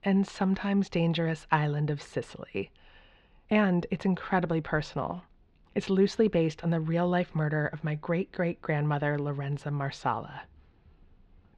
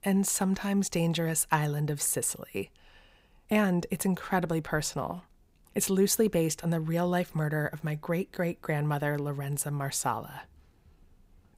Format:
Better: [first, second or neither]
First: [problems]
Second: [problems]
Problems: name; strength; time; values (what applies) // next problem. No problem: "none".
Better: second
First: muffled; slightly; fading above 4 kHz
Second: none